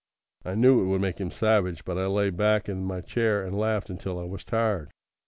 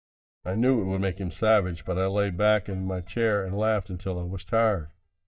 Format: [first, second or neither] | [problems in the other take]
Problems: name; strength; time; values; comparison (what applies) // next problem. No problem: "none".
first | noise reduction (neural mask model DeepFilterNet 3)